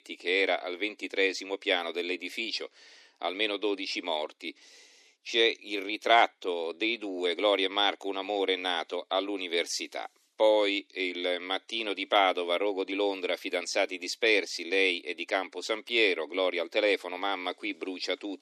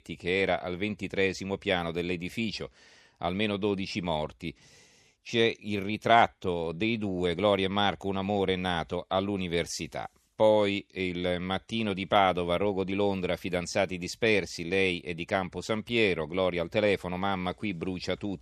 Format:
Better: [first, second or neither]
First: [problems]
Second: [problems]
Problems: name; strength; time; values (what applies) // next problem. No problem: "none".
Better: second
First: thin; somewhat; fading below 300 Hz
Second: none